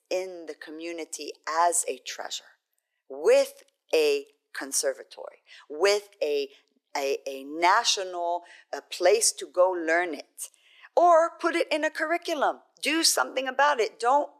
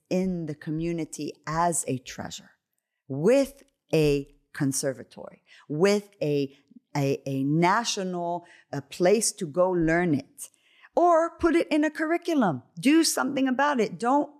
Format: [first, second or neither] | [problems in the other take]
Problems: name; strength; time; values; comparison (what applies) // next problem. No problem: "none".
second | thin; very; fading below 400 Hz